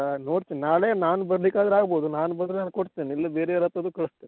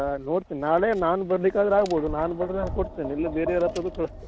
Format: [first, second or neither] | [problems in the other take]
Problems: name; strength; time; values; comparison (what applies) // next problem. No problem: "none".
first | background sound (Tap); 12 dB below the speech